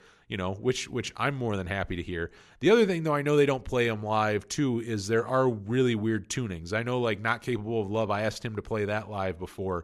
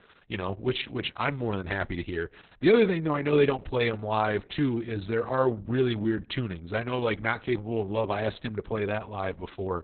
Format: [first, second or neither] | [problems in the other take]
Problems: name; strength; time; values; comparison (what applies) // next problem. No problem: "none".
first | garbled, watery; badly; nothing above 4 kHz